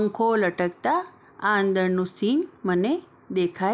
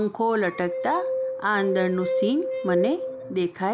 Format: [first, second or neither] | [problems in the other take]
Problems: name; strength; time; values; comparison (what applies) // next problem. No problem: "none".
first | background sound (Glass); 4 dB below the speech